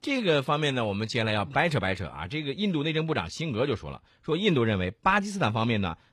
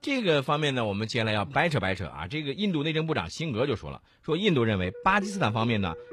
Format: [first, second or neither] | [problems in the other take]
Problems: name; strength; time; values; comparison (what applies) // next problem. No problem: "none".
first | background music; noticeable; throughout; 15 dB below the speech